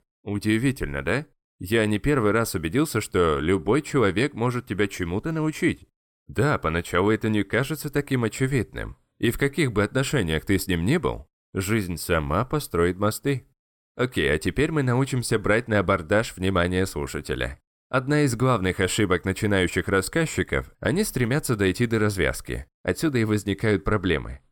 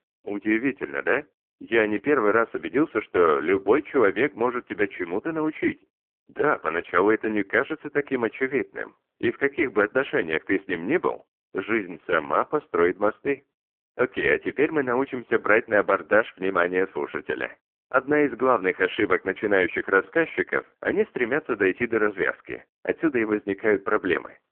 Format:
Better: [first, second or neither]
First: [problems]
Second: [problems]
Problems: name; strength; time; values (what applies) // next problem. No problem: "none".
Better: first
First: none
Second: phone-call audio; poor line